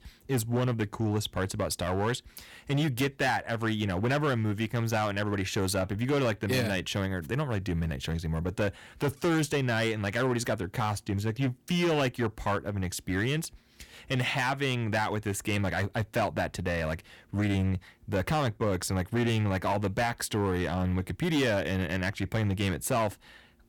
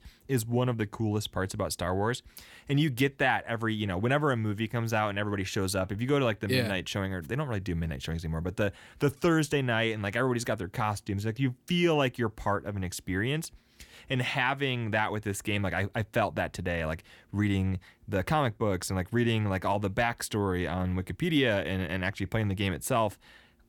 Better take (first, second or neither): second